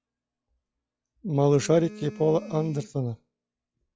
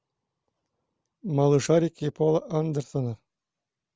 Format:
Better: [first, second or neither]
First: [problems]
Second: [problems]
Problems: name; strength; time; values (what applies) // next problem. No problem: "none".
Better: second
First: noise reduction (classical method log-MMSE)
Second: none